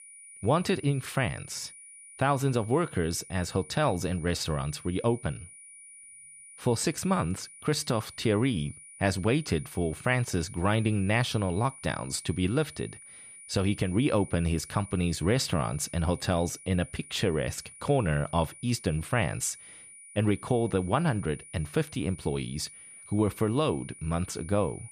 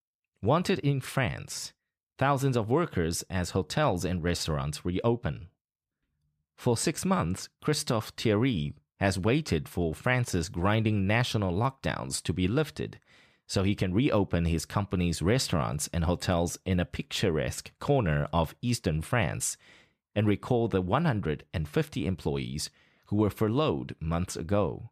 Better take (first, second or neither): second